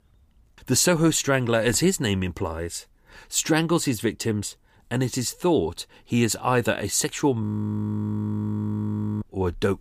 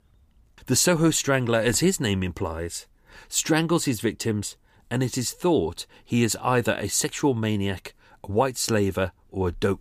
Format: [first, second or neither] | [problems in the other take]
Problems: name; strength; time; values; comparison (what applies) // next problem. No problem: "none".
second | audio freezing; at 7.5 s for 2 s